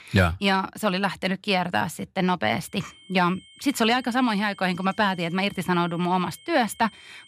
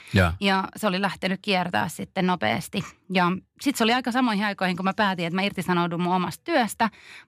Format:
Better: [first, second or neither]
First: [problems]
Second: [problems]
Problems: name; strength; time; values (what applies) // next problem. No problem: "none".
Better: second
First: high-pitched whine; faint; from 2.5 s on; 3 kHz, 25 dB below the speech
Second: none